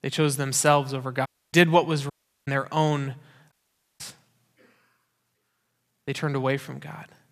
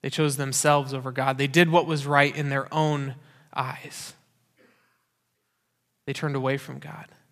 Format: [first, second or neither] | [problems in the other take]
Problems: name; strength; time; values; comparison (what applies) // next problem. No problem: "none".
second | audio cutting out; at 1.5 s, at 2 s and at 3.5 s